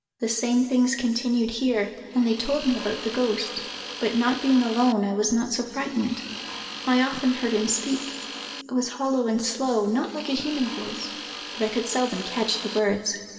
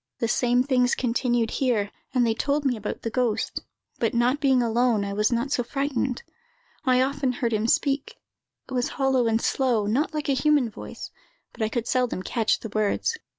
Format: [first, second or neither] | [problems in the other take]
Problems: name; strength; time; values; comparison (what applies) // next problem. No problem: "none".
second | background sound (Tools); 11 dB below the speech // room echo; dies away in 2.1 s